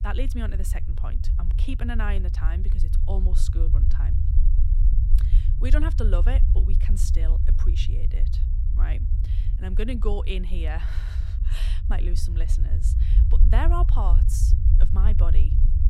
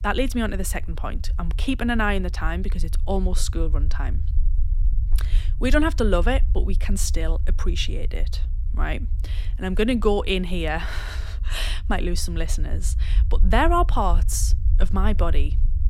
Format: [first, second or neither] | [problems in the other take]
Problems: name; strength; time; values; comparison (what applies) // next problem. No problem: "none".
second | low rumble; loud; throughout; 7 dB below the speech; faint in the second